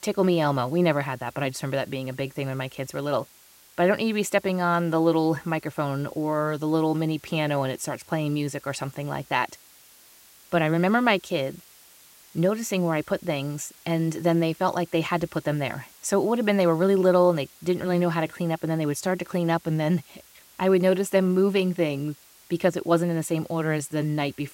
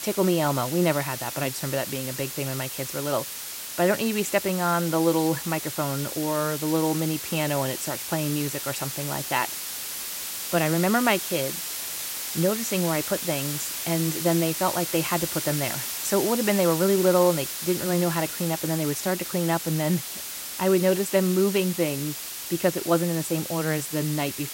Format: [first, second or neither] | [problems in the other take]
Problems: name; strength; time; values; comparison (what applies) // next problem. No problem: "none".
first | hiss; loud; throughout; 5 dB below the speech; faint in the first